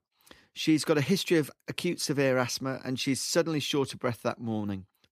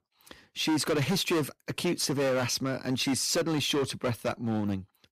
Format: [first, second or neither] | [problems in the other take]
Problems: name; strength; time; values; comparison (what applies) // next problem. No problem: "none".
first | distortion; heavy; 13% of the sound clipped